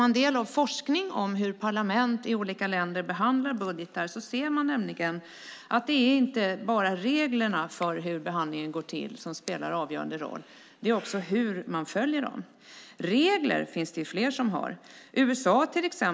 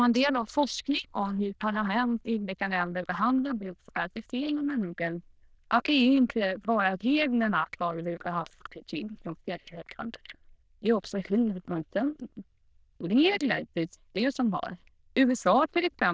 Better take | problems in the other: first | noise reduction (neural diffusion model UNIVERSE++)

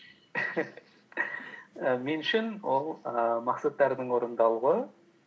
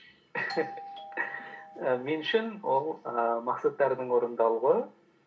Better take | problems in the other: first | background sound (Doorbell); 15 dB below the speech // room echo; dies away in 0.2 s

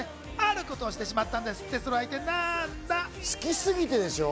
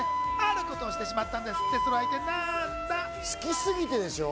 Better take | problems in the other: first | background sound (Wind instrument, woodwind instrument); as loud as the speech

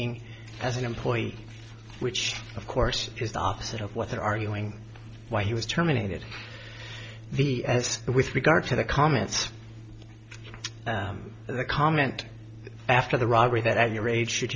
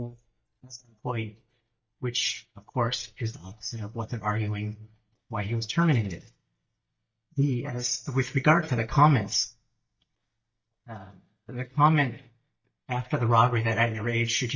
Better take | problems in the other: first | noise reduction (neural mask model DeepFilterNet 3)

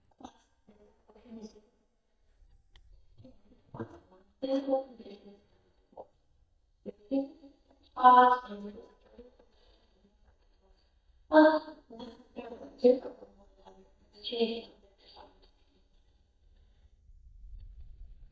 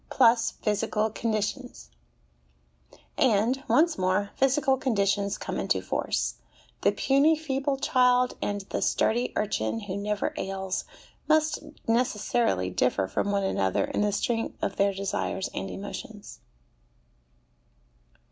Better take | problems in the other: second | noise reduction (neural mask model DeepFilterNet 3)

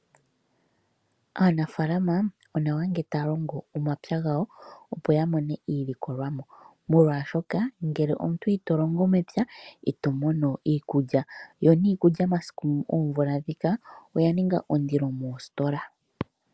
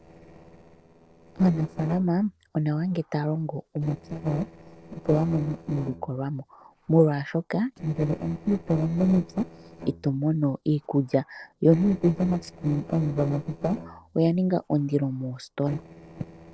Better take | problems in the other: first | noise reduction (neural separator model SepFormer DNS4)

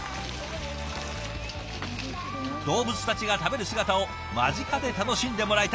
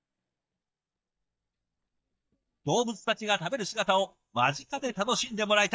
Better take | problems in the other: first | noise reduction (neural mask model DeepFilterNet 3)

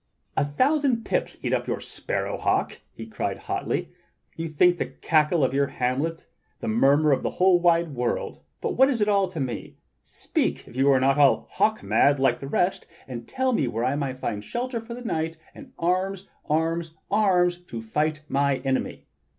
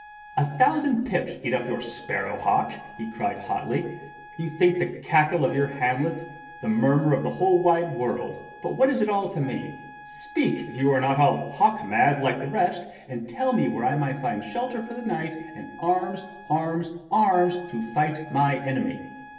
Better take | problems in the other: first | background sound (Trumpet); 19 dB below the speech // room echo; dies away in 0.8 s

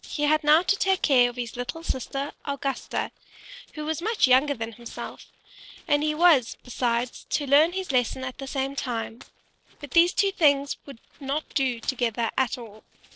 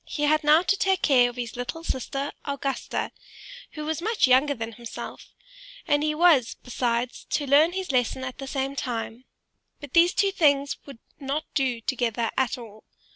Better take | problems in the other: second | noise reduction (neural separator model SepFormer DNS4)

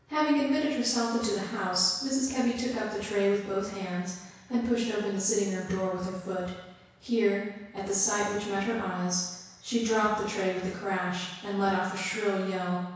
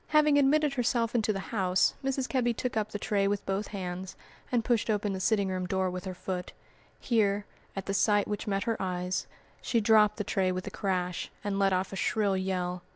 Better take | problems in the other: second | room echo; dies away in 1.1 s

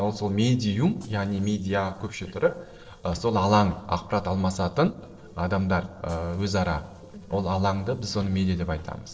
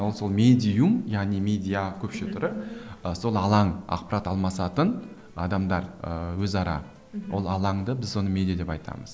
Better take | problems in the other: second | noise reduction (neural separator model SepFormer DNS4)

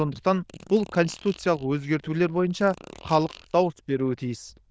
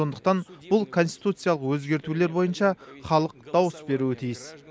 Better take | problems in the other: second | noise reduction (neural diffusion model UNIVERSE++)

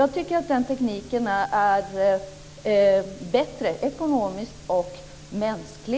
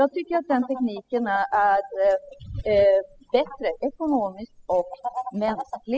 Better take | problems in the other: first | noise reduction (classical method spectral subtraction)

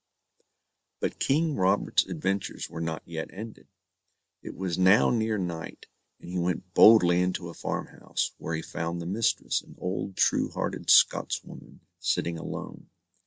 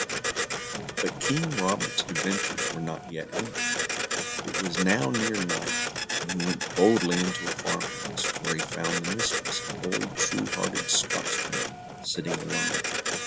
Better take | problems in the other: first | background sound (Printer); as loud as the speech

